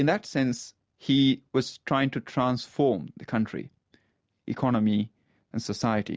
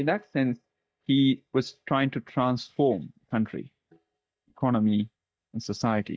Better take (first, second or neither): first